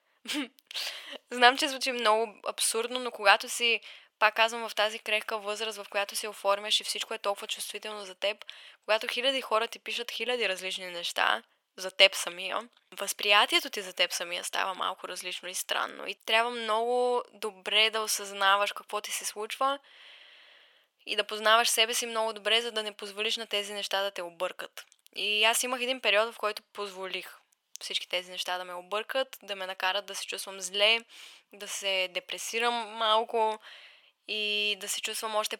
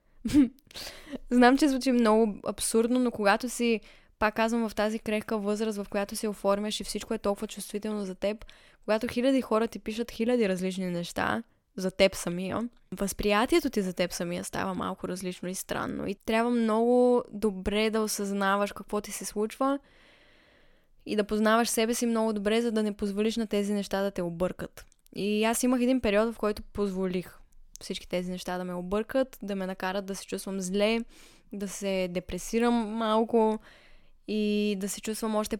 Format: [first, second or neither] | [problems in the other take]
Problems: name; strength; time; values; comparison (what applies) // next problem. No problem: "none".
second | thin; very; fading below 800 Hz